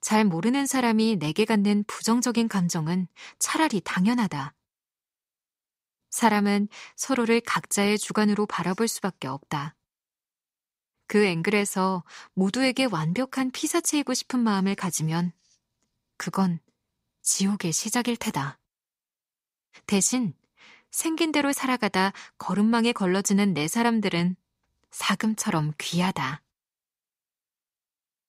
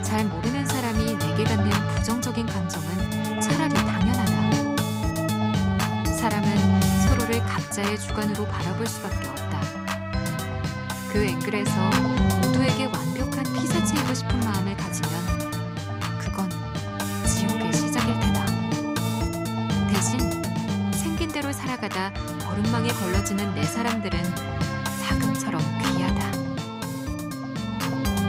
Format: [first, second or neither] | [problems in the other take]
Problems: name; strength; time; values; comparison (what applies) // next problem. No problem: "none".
first | background music; very loud; throughout; 4 dB above the speech